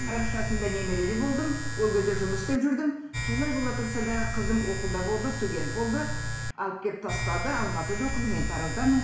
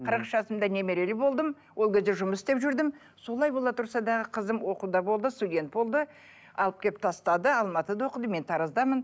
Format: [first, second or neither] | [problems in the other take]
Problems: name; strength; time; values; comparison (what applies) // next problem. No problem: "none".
second | background sound (Domestic sounds, home sounds); 2 dB below the speech // room echo; dies away in 0.7 s